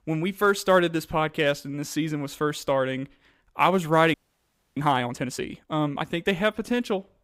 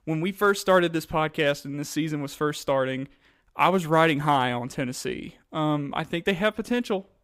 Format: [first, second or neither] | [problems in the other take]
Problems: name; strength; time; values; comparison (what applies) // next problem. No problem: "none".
second | audio freezing; at 4 s for 0.5 s